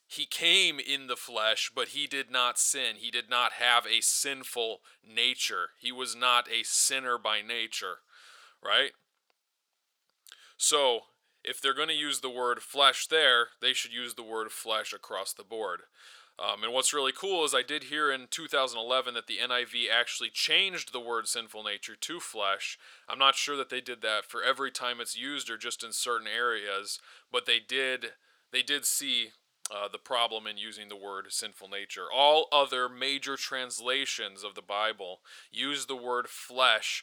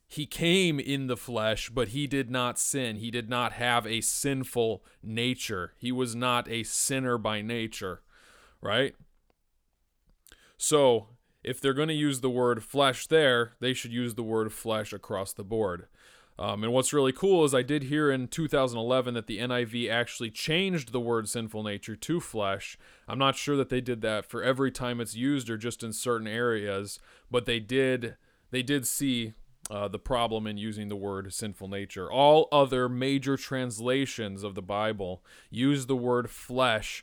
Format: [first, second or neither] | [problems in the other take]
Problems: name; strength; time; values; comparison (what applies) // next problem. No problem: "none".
second | thin; very; fading below 600 Hz